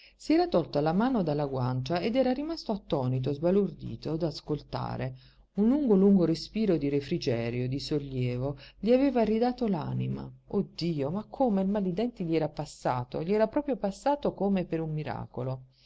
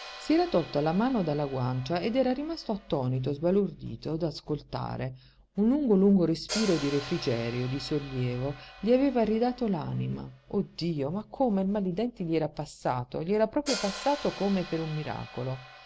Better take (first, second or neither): first